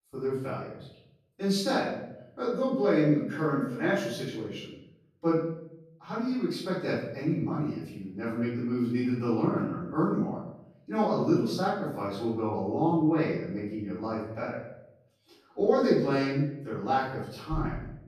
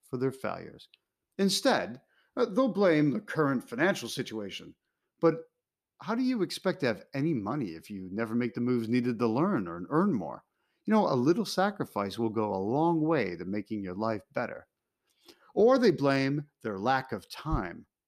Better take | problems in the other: second | off-mic speech; far // room echo; noticeable; dies away in 0.8 s

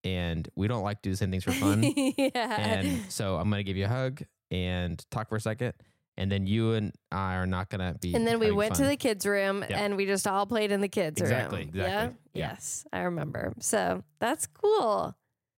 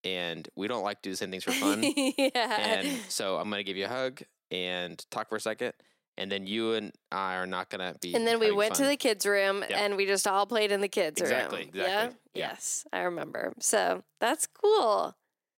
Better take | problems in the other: first | thin; somewhat; fading below 300 Hz

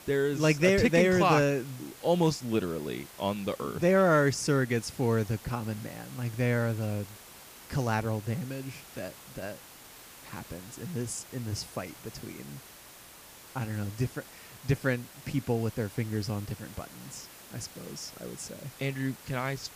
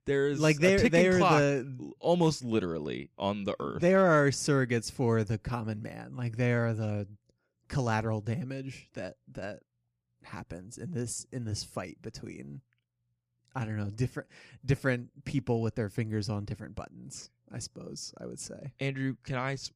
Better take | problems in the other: second | hiss; noticeable; throughout; 20 dB below the speech

